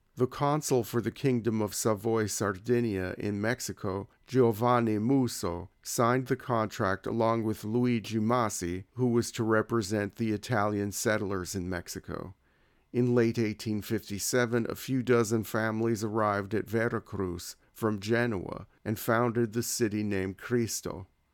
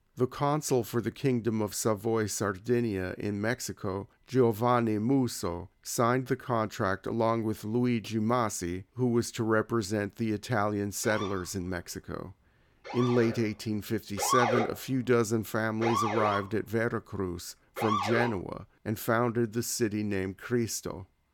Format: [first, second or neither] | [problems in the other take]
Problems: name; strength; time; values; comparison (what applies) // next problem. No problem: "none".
first | siren; loud; from 11 to 18 s; peak 3 dB above the speech